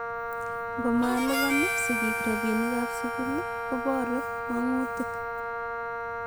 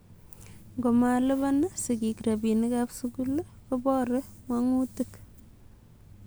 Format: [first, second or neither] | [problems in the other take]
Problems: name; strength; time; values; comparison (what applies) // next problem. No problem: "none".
second | background sound (Harmonica + Wind instrument, woodwind instrument); as loud as the speech